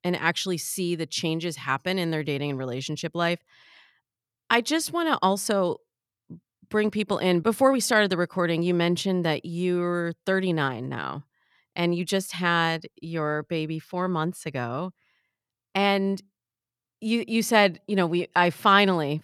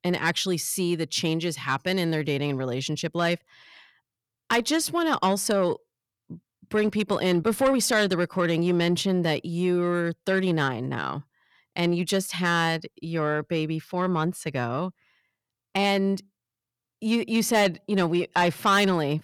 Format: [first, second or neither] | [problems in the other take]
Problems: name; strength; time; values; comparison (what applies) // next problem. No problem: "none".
first | distortion; slight; 10 dB below the speech